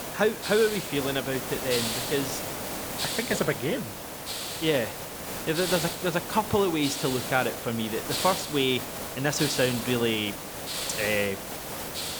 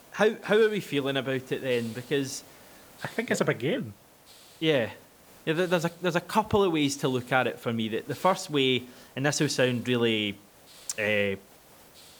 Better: second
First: hiss; loud; throughout; 4 dB below the speech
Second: hiss; faint; throughout; 25 dB below the speech

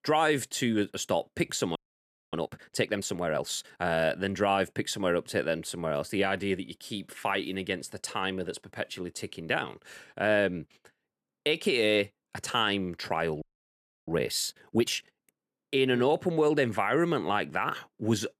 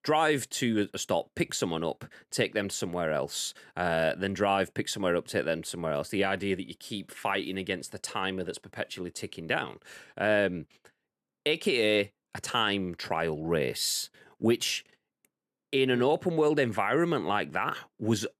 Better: second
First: audio freezing; at 2 s for 0.5 s and at 13 s for 0.5 s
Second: none

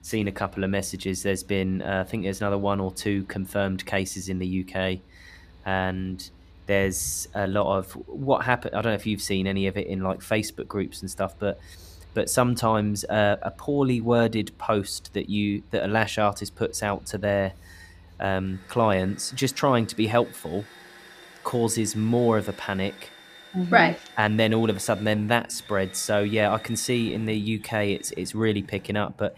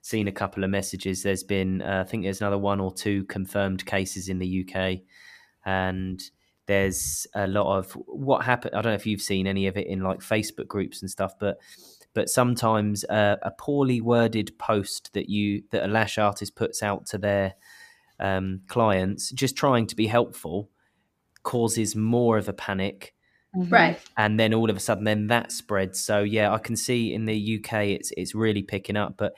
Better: second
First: machinery noise; faint; throughout; 25 dB below the speech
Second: none

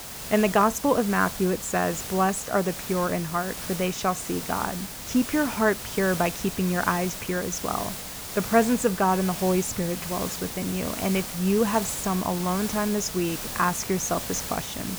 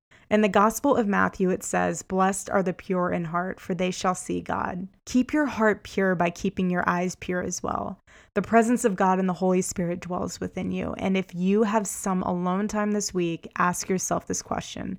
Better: second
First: hiss; loud; throughout; 7 dB below the speech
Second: none

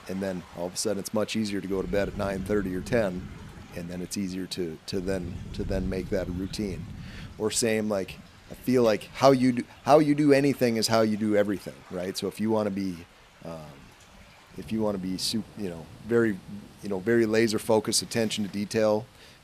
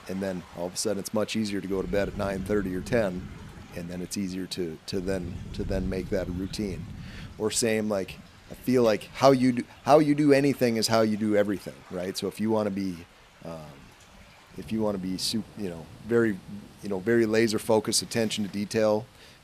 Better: neither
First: rain or running water; noticeable; throughout; 20 dB below the speech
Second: rain or running water; noticeable; throughout; 20 dB below the speech

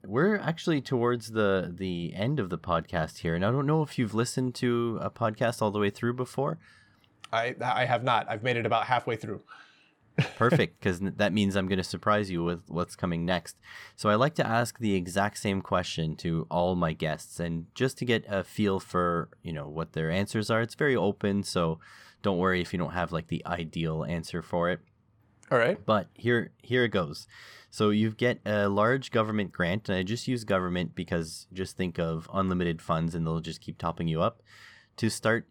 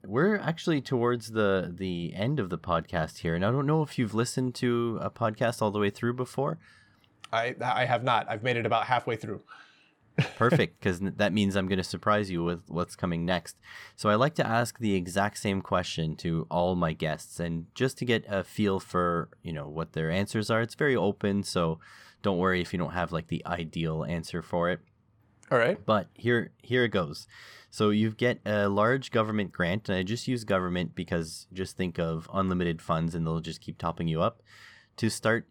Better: neither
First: none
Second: none

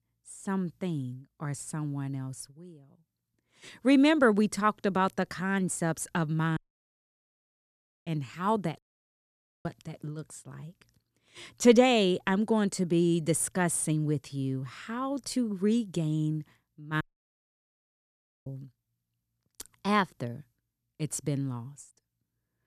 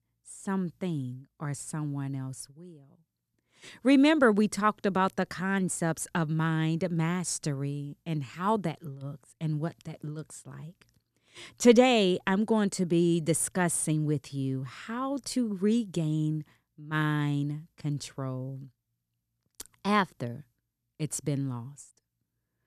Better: second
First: audio cutting out; at 6.5 s for 1.5 s, at 9 s for 1 s and at 17 s for 1.5 s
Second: none

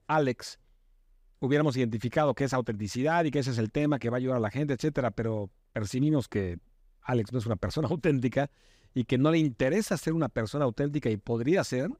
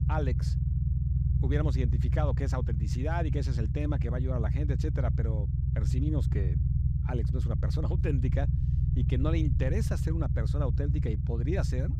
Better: first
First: none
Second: low rumble; loud; throughout; 4 dB below the speech

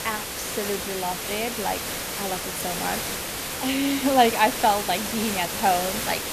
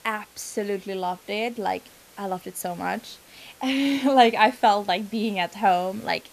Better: second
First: hiss; loud; throughout; 3 dB below the speech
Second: hiss; faint; throughout; 25 dB below the speech

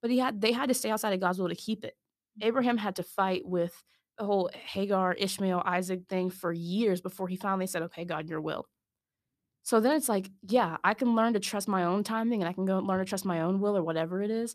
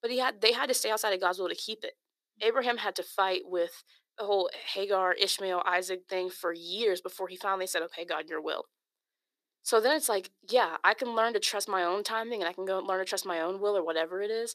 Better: first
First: none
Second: thin; very; fading below 400 Hz

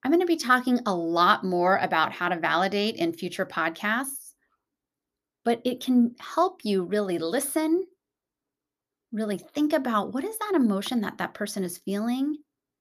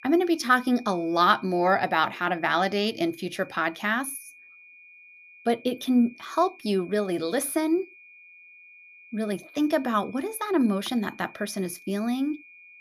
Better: first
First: none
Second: high-pitched whine; faint; throughout; 2.5 kHz, 25 dB below the speech

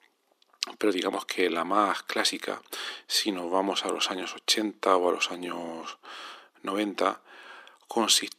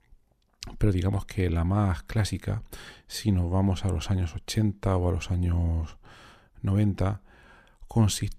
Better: second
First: thin; very; fading below 300 Hz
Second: none

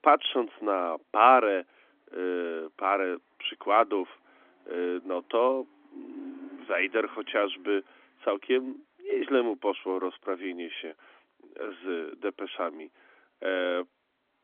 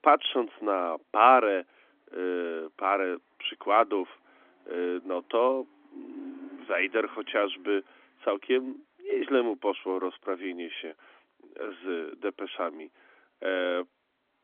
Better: neither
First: phone-call audio; nothing above 3.5 kHz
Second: phone-call audio; nothing above 3.5 kHz

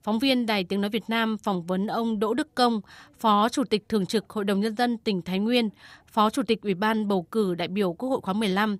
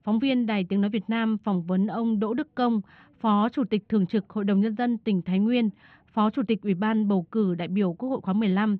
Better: first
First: none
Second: muffled; slightly; fading above 3 kHz

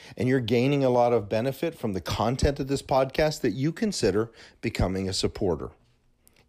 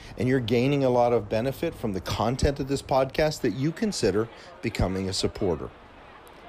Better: first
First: none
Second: train or aircraft noise; faint; throughout; 20 dB below the speech

